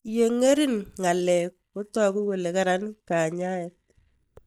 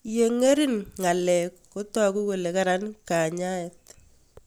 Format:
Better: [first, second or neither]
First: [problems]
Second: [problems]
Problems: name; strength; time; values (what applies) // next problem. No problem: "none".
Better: second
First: noise reduction (neural mask model DeepFilterNet 3)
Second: none